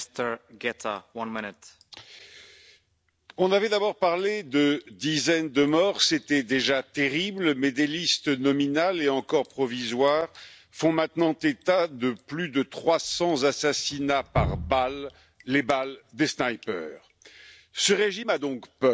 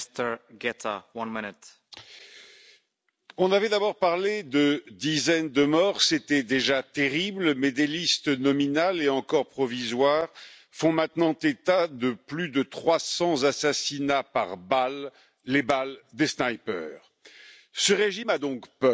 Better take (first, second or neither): second